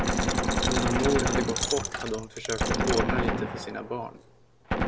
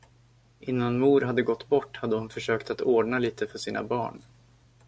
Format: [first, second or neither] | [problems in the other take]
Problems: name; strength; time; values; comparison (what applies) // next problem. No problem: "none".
second | background sound (Coin (dropping) + Gunshot, gunfire); 4 dB above the speech